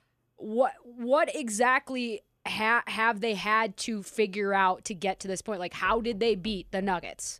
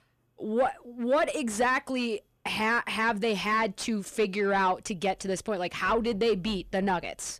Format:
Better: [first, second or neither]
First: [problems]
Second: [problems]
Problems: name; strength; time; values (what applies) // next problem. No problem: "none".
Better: first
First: none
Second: distortion; slight; 10 dB below the speech